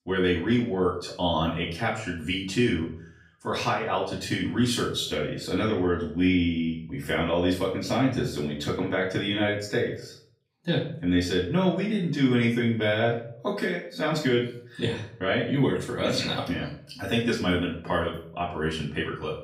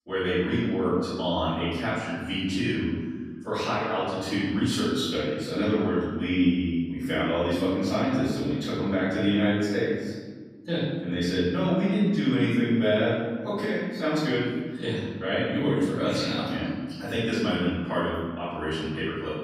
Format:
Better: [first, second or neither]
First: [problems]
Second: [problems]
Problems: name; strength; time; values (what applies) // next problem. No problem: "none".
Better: first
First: room echo; slight; dies away in 0.4 s // off-mic speech; far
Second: room echo; strong; dies away in 1.6 s // off-mic speech; far